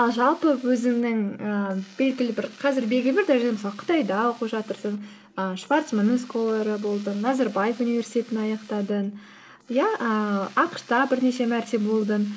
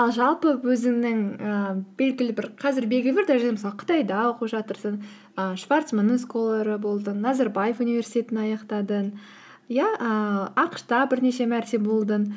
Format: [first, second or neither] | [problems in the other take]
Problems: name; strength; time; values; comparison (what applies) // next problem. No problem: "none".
second | noise reduction (neural mask model Resemble Enhance denoiser)